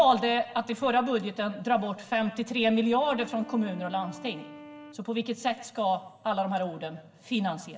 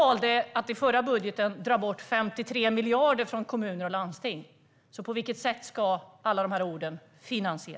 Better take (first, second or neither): second